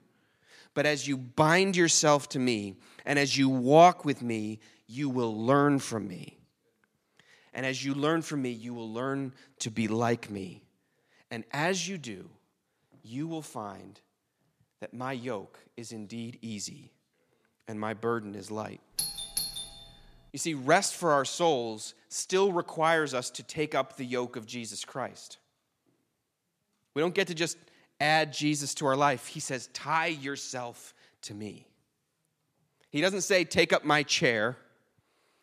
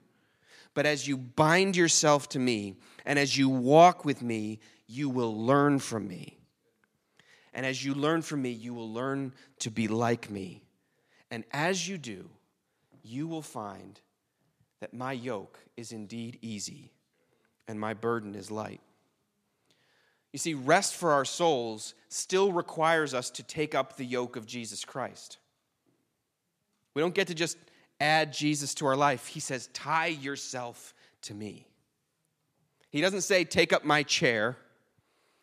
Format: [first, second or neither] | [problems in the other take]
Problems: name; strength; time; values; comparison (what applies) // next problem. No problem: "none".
second | doorbell; noticeable; at 19 s; peak 4 dB below the speech